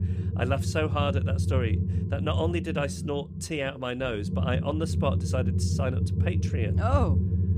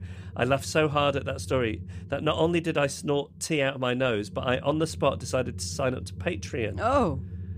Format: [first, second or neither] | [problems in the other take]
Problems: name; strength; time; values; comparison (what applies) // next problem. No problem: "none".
second | low rumble; loud; throughout; 9 dB below the speech; faint in the second